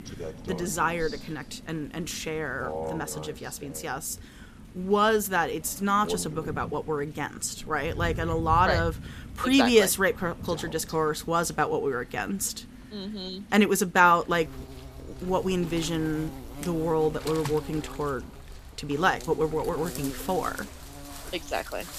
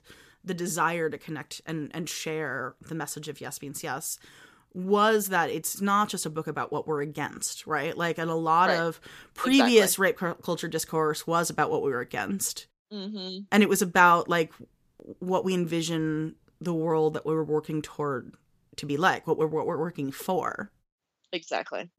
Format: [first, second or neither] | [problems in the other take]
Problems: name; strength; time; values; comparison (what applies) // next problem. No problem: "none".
second | animal sounds; noticeable; throughout; 15 dB below the speech